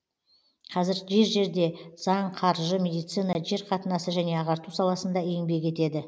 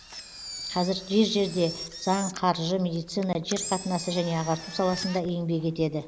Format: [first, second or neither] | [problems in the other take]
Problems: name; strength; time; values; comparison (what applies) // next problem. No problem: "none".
first | background sound (Engine); 12 dB below the speech